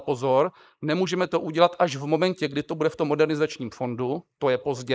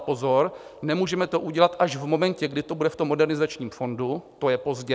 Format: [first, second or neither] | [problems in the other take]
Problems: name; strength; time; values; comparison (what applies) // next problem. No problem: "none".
second | noise reduction (neural mask model Resemble Enhance denoiser)